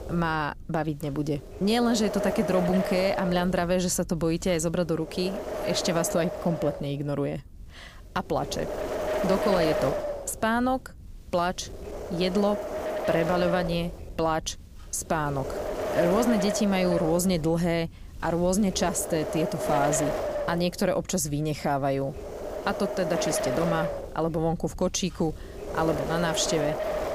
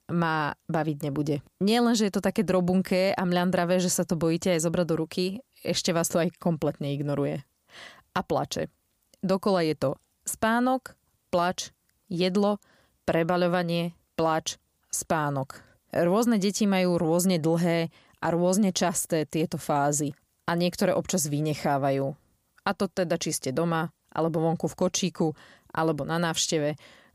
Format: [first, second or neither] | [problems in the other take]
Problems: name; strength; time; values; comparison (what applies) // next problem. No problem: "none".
second | wind noise on the microphone; heavy; 2 dB below the speech